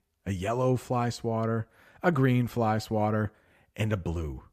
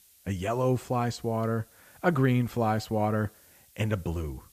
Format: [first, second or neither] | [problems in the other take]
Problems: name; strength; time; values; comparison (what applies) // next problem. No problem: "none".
first | hiss; faint; throughout; 25 dB below the speech